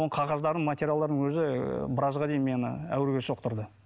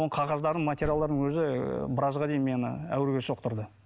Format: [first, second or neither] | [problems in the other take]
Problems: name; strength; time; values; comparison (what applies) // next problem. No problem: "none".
first | background sound (Slam); 16 dB below the speech